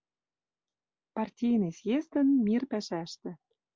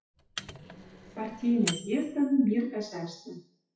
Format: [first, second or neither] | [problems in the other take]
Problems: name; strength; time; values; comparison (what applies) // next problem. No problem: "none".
first | noise reduction (classical method WPE with log-MMSE)